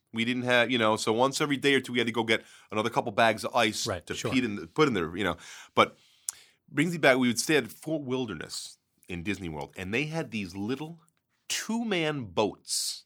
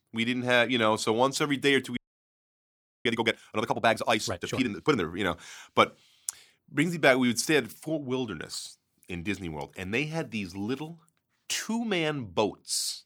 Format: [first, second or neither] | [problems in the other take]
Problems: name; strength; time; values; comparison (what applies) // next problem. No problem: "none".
first | audio freezing; at 2 s for 1 s